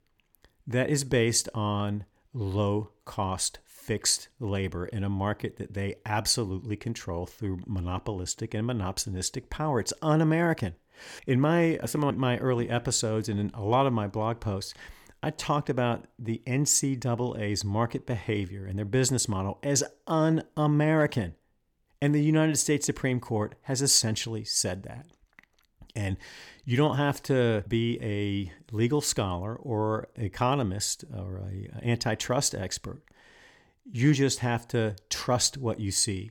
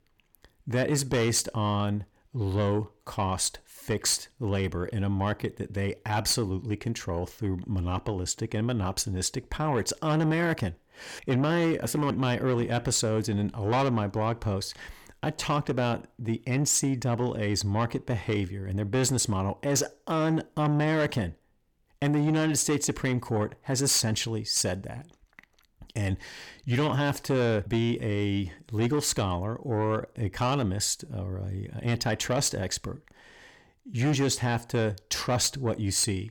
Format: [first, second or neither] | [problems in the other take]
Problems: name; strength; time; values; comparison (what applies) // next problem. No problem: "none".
first | distortion; slight; 10 dB below the speech